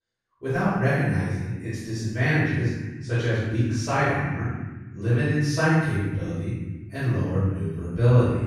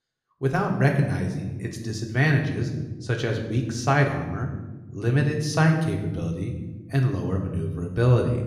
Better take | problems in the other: second | room echo; strong; dies away in 1.1 s; slight in the second // off-mic speech; far; somewhat distant in the second

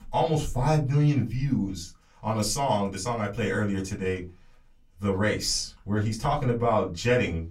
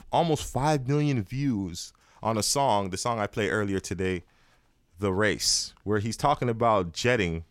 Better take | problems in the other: second | off-mic speech; far // room echo; very slight; dies away in 0.2 s

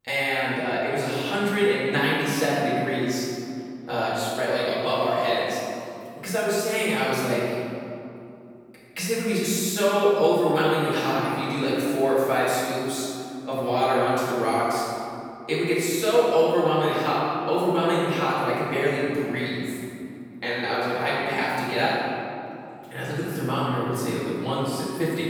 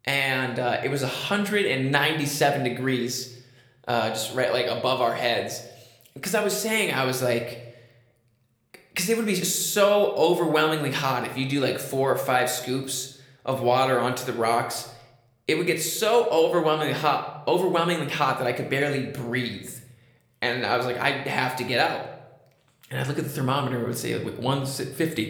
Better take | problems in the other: second | room echo; strong; dies away in 2.5 s; slight in the second // off-mic speech; far

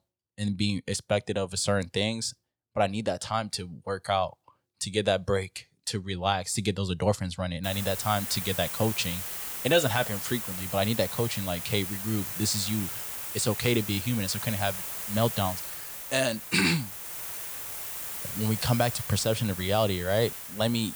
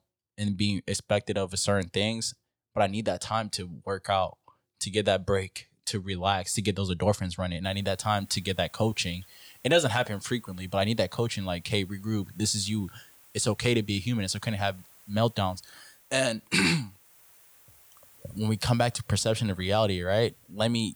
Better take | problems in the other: second | hiss; loud; from 7.5 s on; 5 dB below the speech; faint in the second

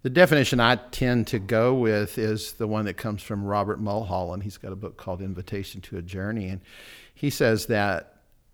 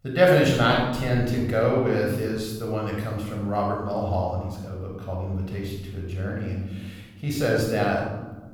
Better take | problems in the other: first | off-mic speech; somewhat distant // room echo; noticeable; dies away in 1.2 s

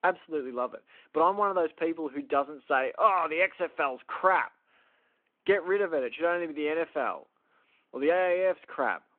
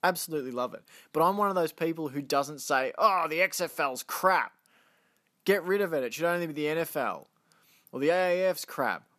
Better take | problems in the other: second | phone-call audio

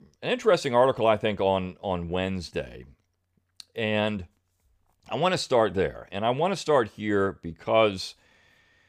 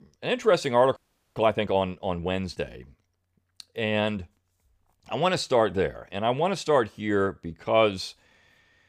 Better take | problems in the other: first | audio freezing; at 1 s

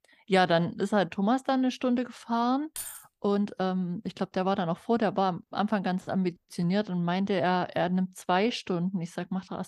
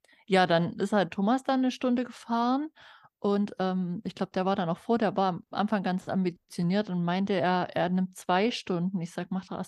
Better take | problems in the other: second | jangling keys; noticeable; at 3 s; peak 9 dB below the speech

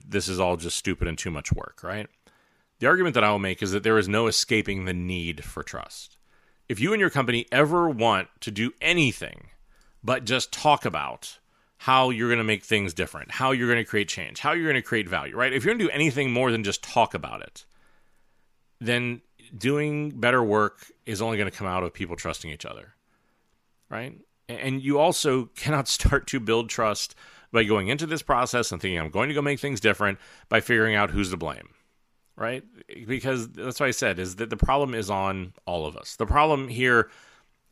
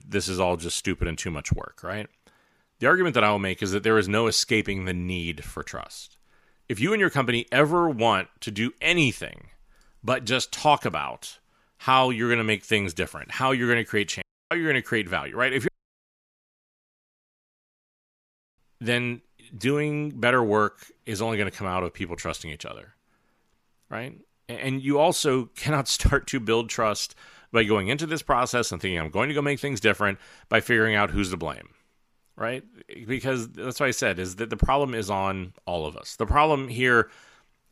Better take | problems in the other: first | audio cutting out; at 14 s and at 16 s for 3 s

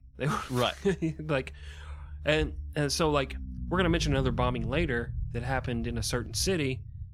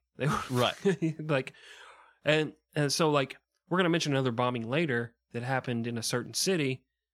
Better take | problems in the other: second | low rumble; faint; throughout; 20 dB below the speech

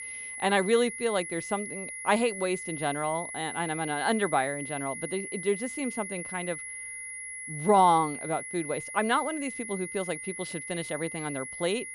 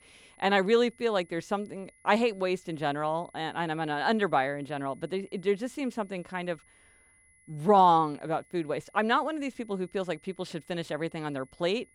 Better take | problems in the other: second | high-pitched whine; loud; throughout; 2 kHz, 7 dB below the speech; faint in the second

